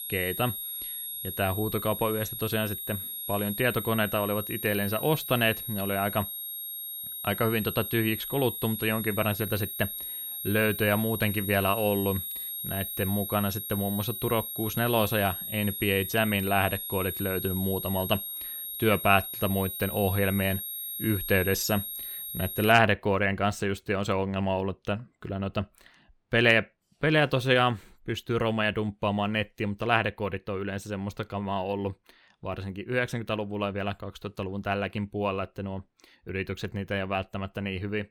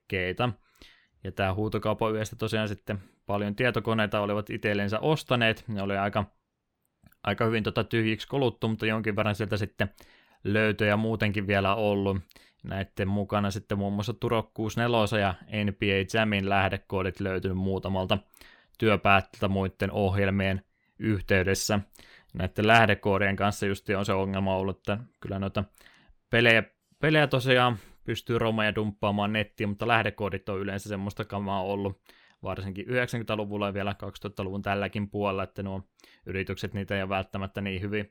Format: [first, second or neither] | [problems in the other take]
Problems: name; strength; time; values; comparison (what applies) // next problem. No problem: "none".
second | high-pitched whine; loud; until 23 s; 11.5 kHz, 5 dB below the speech